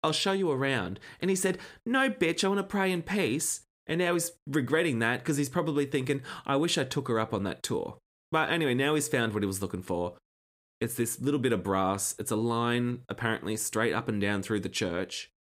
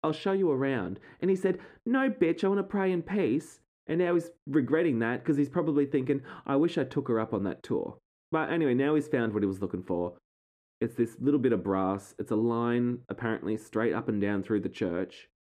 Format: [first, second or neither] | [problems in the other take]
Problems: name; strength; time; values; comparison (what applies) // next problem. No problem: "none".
first | muffled; very; fading above 3.5 kHz